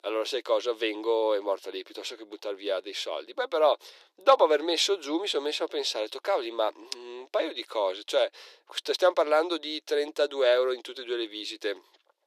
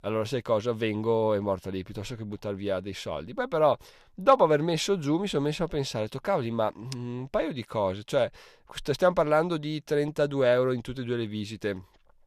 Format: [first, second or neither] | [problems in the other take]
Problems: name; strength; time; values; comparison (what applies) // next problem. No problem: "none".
second | thin; very; fading below 350 Hz